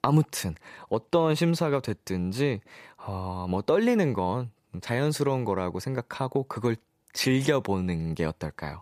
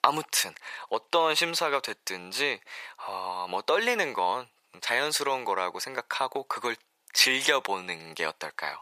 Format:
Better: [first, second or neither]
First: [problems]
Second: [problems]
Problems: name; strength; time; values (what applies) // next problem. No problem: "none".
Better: first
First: none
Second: thin; very; fading below 800 Hz